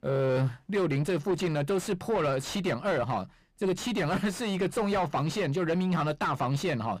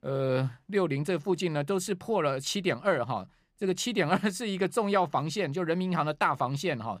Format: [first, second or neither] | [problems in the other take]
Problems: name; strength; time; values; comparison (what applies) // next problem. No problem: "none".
second | distortion; heavy; 7 dB below the speech